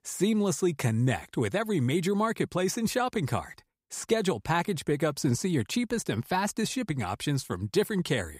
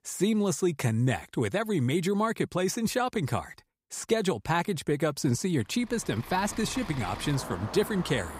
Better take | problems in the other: first | traffic noise; noticeable; from 6 s on; 10 dB below the speech

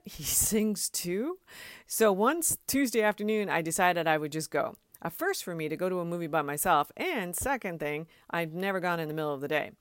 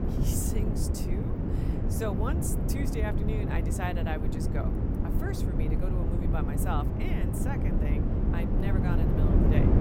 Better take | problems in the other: first | wind noise on the microphone; heavy; 1 dB above the speech

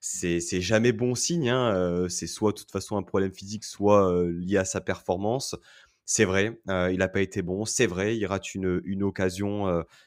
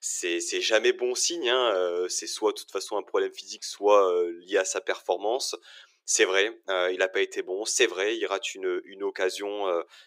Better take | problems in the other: first | thin; very; fading below 350 Hz

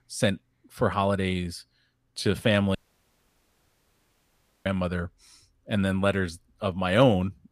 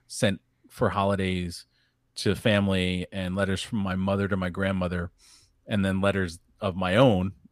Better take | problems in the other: second | audio cutting out; at 3 s for 2 s

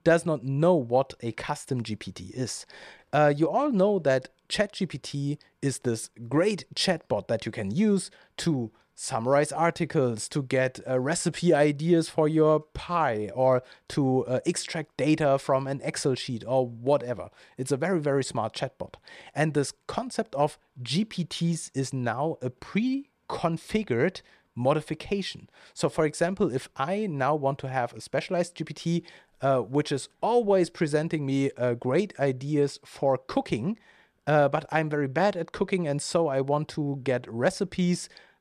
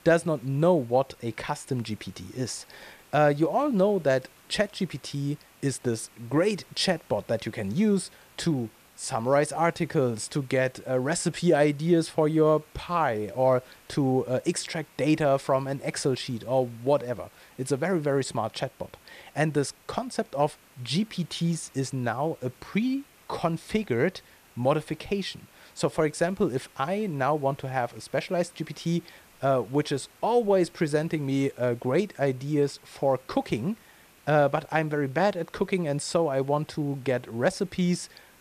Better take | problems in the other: first | hiss; faint; throughout; 25 dB below the speech

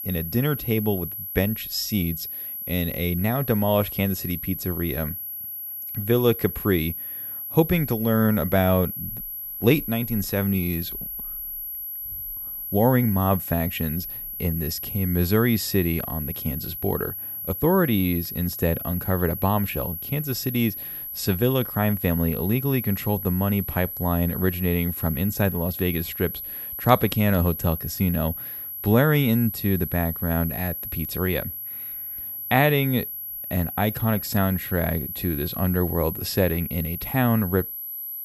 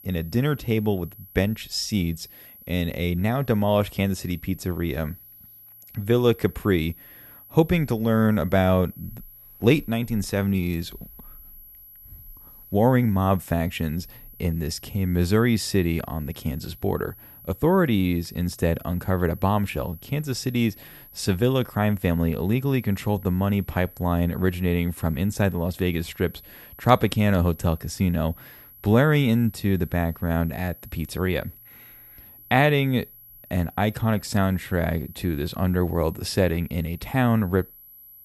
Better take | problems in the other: second | high-pitched whine; loud; throughout; 11.5 kHz, 6 dB below the speech; faint in the second

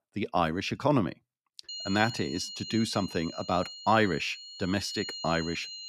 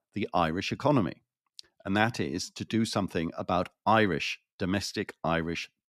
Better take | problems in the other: second | high-pitched whine; loud; from 1.5 s on; 4 kHz, 10 dB below the speech

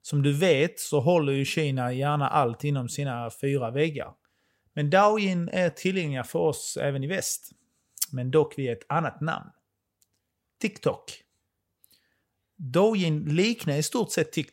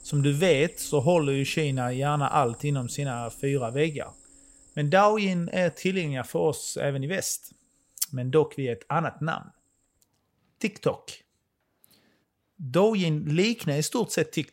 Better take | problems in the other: first | animal sounds; faint; throughout; 20 dB below the speech

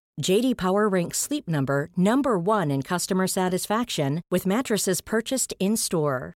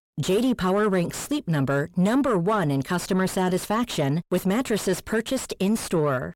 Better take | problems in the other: first | distortion; slight; 9 dB below the speech

